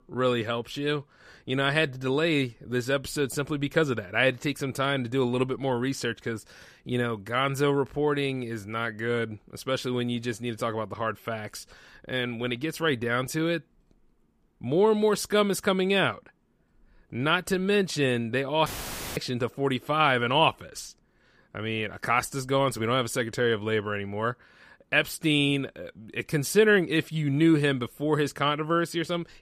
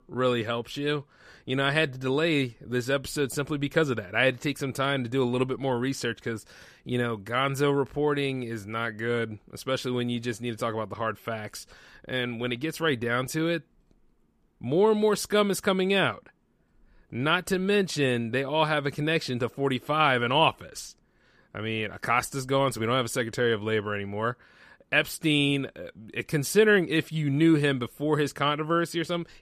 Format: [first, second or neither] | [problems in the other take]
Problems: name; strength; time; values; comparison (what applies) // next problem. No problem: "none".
second | audio cutting out; filled with static; at 19 s for 0.5 s